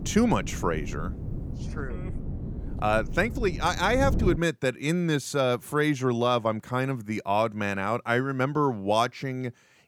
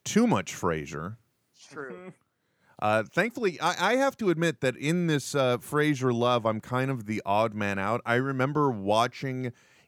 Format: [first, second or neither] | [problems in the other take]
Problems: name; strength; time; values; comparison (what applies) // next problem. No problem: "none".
second | wind noise on the microphone; occasional gusts; until 4.5 s; 15 dB below the speech